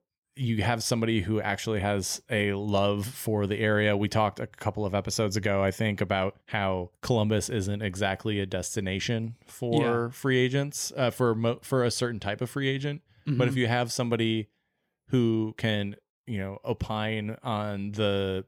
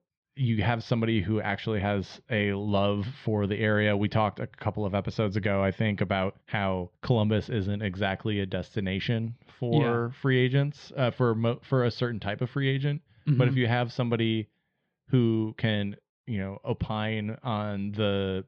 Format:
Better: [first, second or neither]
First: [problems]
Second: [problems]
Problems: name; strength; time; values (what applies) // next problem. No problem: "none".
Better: first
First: none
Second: muffled; slightly; fading above 4 kHz